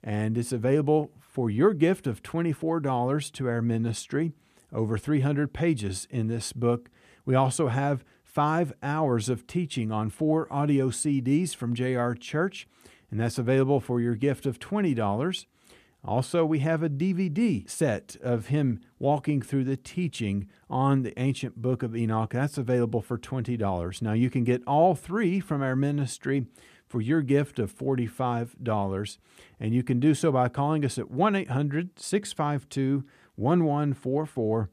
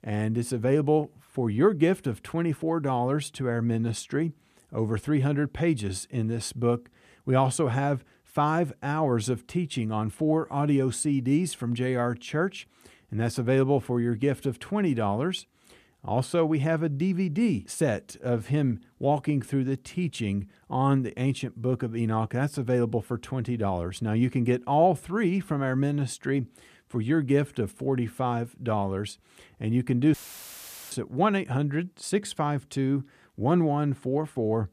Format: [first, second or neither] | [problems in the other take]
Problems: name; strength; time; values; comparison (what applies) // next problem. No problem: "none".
first | audio cutting out; filled with static; at 30 s for 1 s